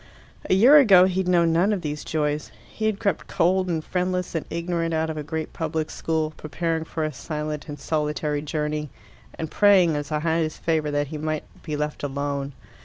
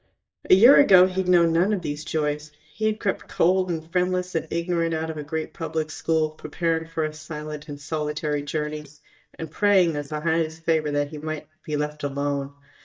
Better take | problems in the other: first | noise reduction (neural mask model DeepFilterNet 3)

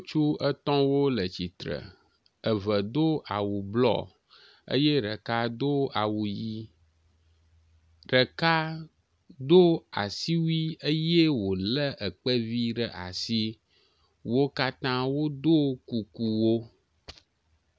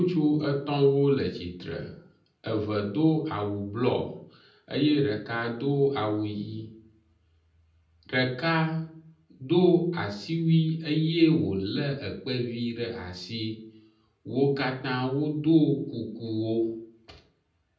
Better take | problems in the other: first | room echo; dies away in 0.6 s

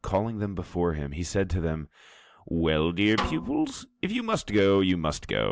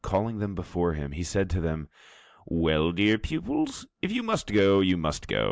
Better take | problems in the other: second | background sound (Snare drum); 11 dB below the speech

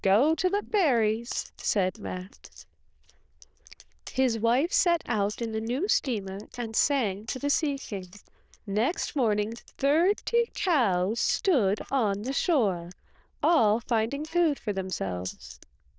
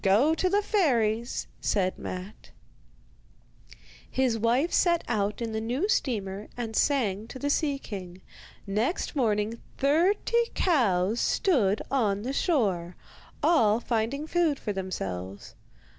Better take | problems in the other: second | noise reduction (neural diffusion model UNIVERSE++)

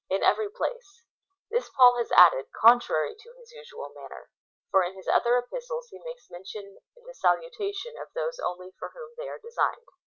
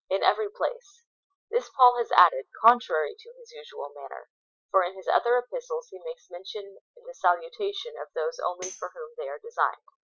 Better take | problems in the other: first | noise reduction (classical method spectral subtraction)

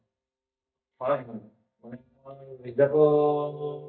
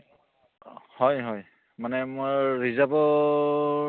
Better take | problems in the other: second | noise reduction (neural mask model DeepFilterNet 3)

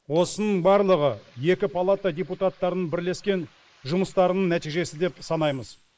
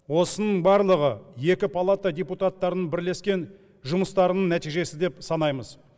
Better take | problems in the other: second | noise reduction (neural mask model Resemble Enhance denoiser)

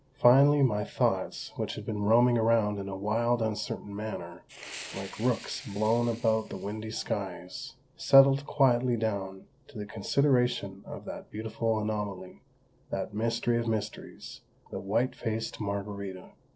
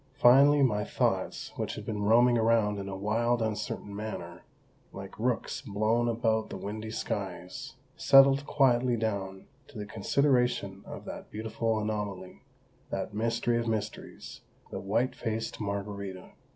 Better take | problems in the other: second | noise reduction (neural separator model SepFormer DNS4)

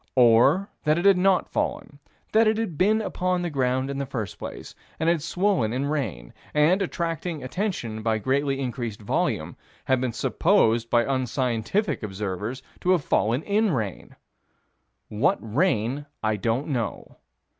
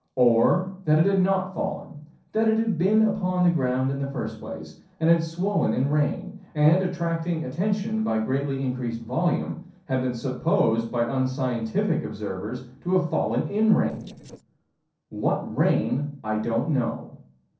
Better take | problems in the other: first | noise reduction (neural separator model SepFormer DNS4)

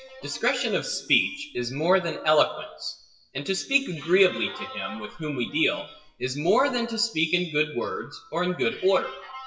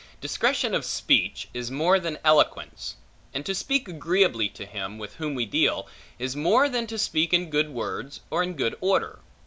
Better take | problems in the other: second | noise reduction (classical method WPE with log-MMSE)

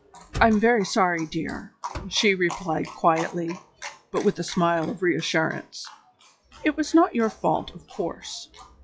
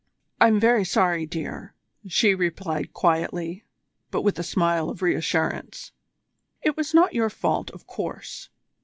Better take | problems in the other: second | noise reduction (classical method log-MMSE)

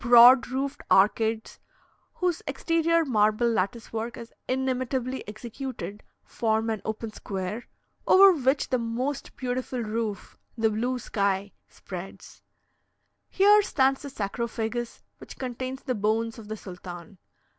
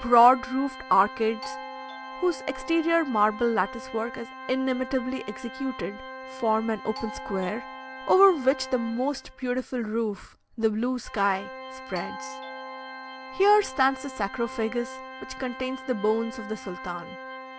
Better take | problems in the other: first | background sound (Organ + Doorbell); 13 dB below the speech

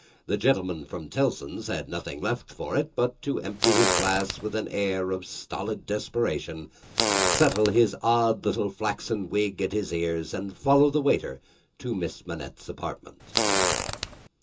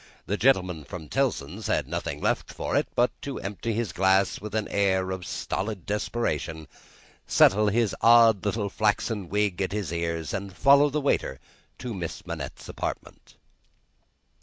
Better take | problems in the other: second | background sound (Fart); 1 dB above the speech // room echo; dies away in 0.2 s

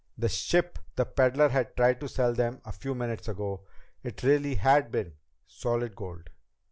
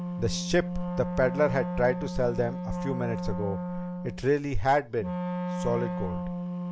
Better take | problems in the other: first | background sound (Wind instrument, woodwind instrument); 4 dB below the speech

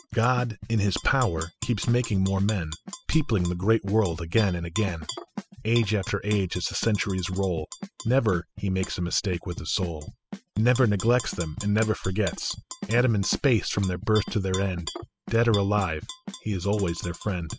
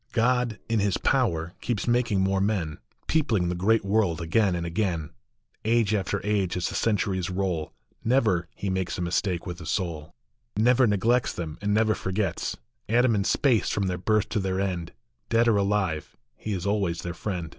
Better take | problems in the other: second | noise reduction (classical method spectral subtraction)

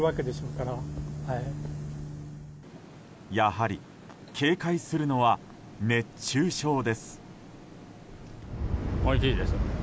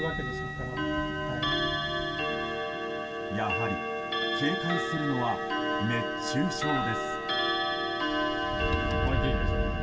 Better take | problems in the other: first | background sound (Clock); 2 dB above the speech // room echo; dies away in 0.2 s

